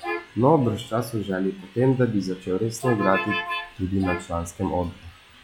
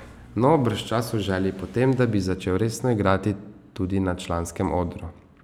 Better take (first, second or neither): second